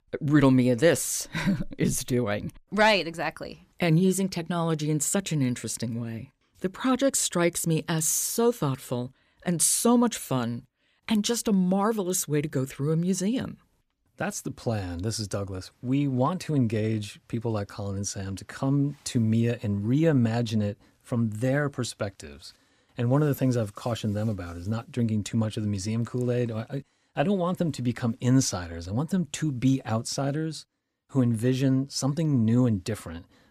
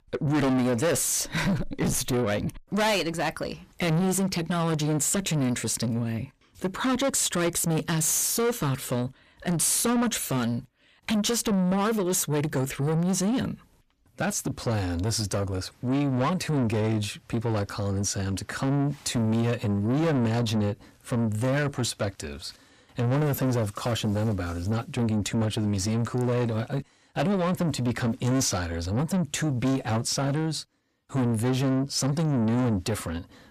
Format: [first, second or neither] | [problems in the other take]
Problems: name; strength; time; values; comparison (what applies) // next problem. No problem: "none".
first | distortion; heavy; 7 dB below the speech